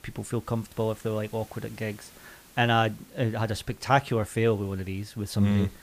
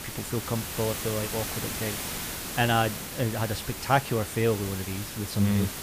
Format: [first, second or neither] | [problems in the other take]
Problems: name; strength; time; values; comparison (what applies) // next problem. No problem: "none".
first | hiss; loud; throughout; 5 dB below the speech; faint in the first